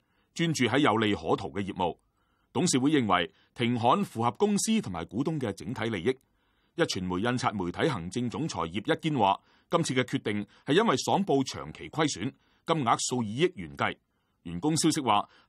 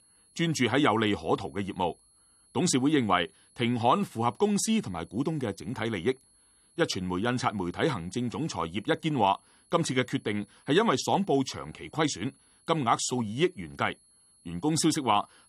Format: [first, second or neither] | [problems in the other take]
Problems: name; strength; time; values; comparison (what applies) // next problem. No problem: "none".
first | high-pitched whine; faint; throughout; 10.5 kHz, 30 dB below the speech